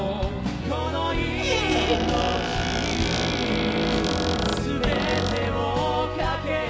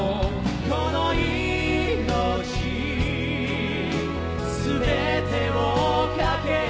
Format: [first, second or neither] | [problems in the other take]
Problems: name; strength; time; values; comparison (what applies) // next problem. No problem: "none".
second | background sound (Squeak); 2 dB below the speech